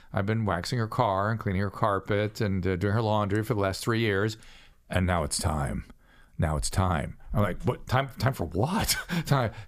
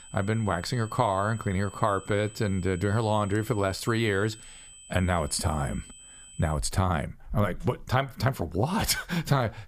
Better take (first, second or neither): first